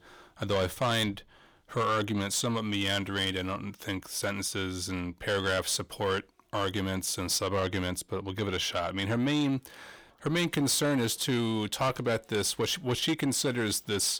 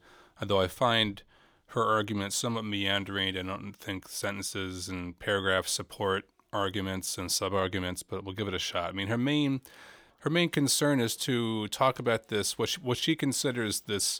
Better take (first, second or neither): second